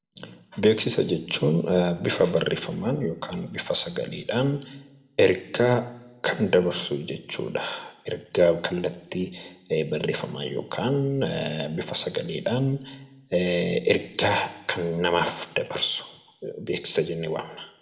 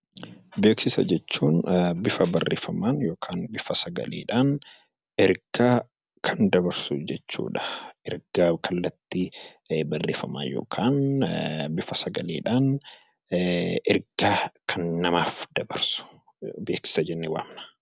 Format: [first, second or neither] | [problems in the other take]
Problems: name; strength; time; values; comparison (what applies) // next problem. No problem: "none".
second | room echo; dies away in 0.8 s